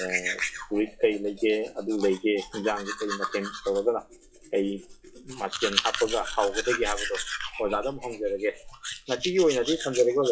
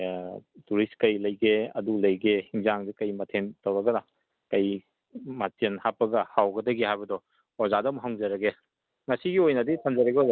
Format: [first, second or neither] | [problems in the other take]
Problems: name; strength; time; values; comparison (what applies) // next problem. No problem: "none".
second | noise reduction (classical method WPE with log-MMSE)